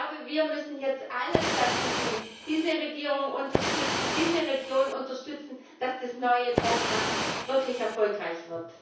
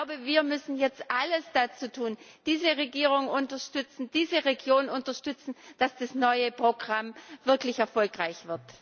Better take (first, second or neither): second